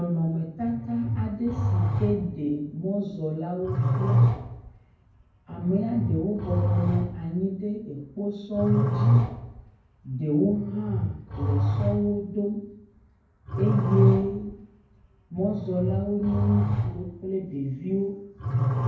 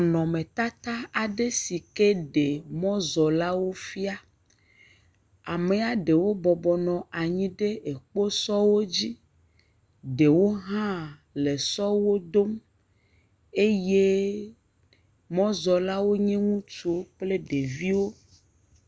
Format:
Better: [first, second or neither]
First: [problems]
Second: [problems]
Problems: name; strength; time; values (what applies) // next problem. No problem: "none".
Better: second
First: background sound (Growling); 1 dB above the speech // room echo; dies away in 0.9 s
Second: none